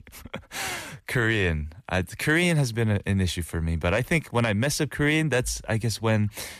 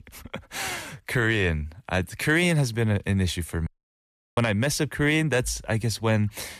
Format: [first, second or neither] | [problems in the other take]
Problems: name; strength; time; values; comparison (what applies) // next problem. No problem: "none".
first | audio cutting out; at 3.5 s for 0.5 s